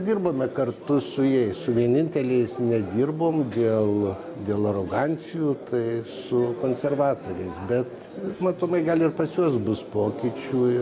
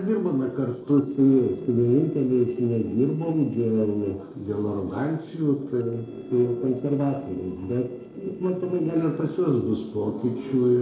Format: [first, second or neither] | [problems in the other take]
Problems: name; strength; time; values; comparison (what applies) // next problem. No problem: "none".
first | noise reduction (neural separator model SepFormer DNS4)